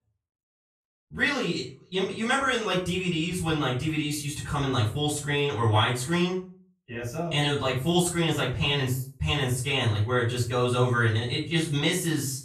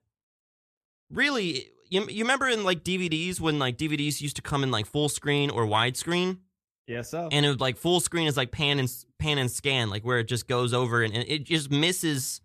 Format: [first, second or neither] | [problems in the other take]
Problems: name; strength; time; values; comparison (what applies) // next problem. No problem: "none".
second | off-mic speech; far // room echo; slight; dies away in 0.4 s